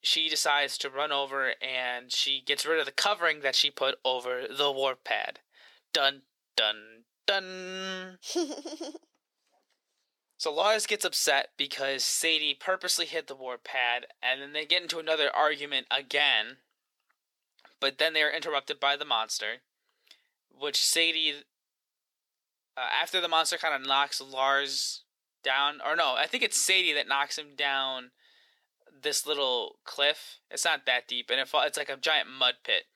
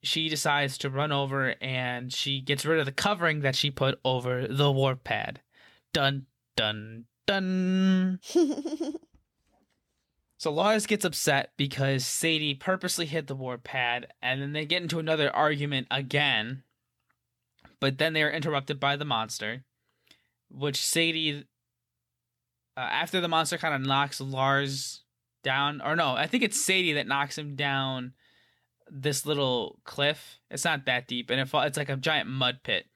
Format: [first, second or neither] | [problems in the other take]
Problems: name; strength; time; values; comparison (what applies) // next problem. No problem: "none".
second | thin; very; fading below 450 Hz